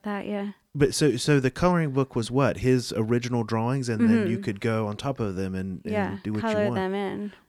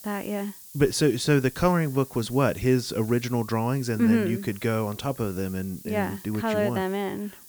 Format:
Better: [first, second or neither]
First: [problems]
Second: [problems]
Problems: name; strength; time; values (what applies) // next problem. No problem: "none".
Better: first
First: none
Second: hiss; noticeable; throughout; 15 dB below the speech